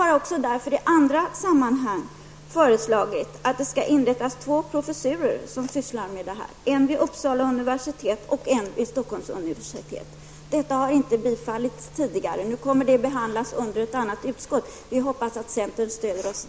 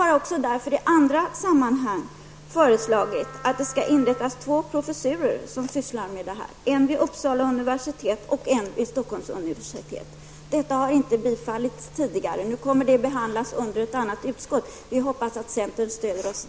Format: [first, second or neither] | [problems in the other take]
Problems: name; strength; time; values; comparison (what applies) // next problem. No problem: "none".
first | background sound (Wind instrument, woodwind instrument); 18 dB below the speech